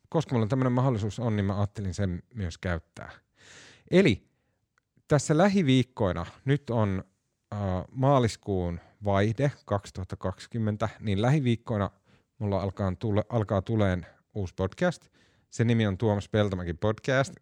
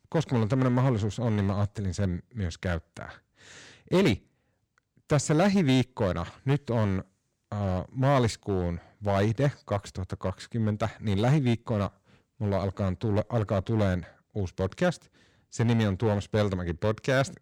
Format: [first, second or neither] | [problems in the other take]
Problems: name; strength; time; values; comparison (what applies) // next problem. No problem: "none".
first | distortion; slight; 4% of the sound clipped